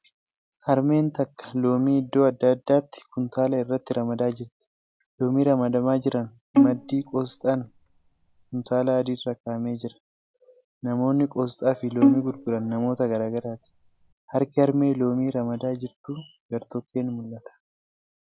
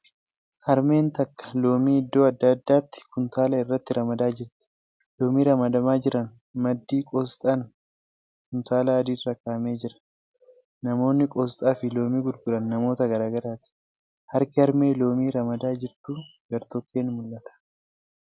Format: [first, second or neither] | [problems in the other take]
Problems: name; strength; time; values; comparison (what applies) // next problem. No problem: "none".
second | background sound (Bowed string instrument); 1 dB below the speech